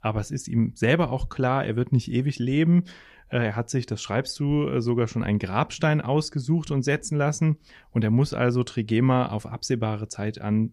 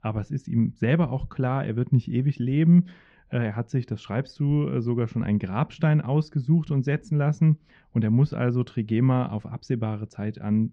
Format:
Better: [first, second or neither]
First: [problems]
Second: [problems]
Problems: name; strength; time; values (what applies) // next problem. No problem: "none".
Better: first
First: none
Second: muffled; slightly; fading above 3 kHz